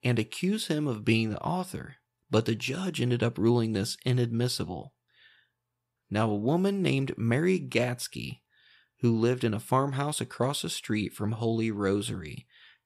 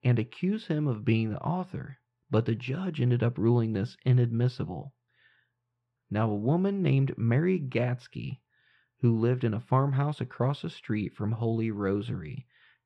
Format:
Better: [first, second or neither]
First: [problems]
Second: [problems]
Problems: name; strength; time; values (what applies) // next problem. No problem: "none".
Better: first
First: none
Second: muffled; slightly; fading above 2.5 kHz